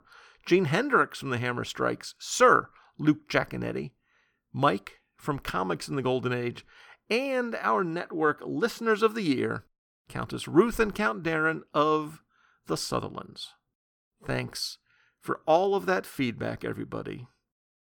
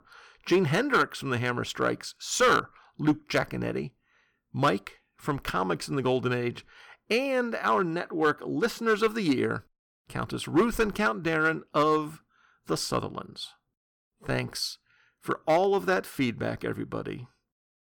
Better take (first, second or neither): first